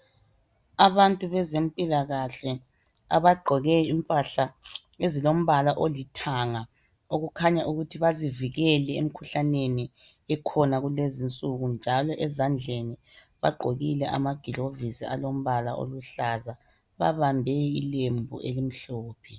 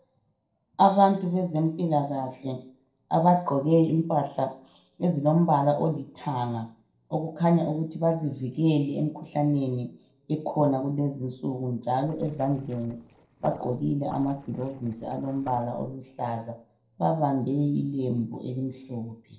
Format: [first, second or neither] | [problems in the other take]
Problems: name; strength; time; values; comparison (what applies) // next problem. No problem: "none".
first | noise reduction (neural separator model SepFormer DNS4)